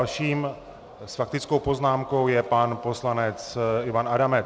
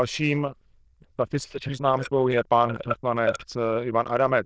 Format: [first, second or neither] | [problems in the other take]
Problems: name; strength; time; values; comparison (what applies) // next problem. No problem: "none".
first | noise reduction (neural diffusion model UNIVERSE++)